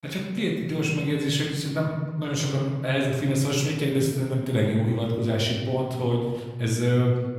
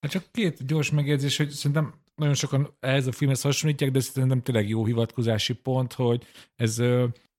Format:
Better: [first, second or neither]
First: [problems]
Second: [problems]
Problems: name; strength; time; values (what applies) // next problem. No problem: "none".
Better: second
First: room echo; noticeable; dies away in 1.2 s // off-mic speech; somewhat distant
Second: none